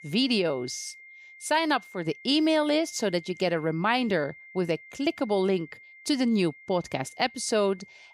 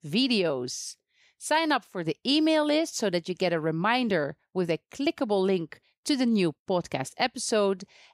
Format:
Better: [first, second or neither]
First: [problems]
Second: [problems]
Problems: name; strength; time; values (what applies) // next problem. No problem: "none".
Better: second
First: high-pitched whine; faint; throughout; 2 kHz, 20 dB below the speech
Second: none